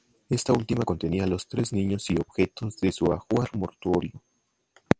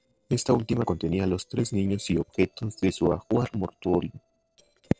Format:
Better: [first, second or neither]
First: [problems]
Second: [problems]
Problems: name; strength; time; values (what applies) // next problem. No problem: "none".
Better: first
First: none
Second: noise reduction (neural separator model SepFormer DNS4)